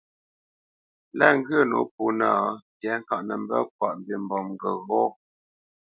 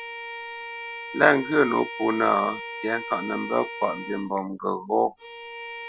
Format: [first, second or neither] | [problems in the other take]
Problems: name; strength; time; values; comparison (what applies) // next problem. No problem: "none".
first | background sound (Bowed string instrument); 11 dB below the speech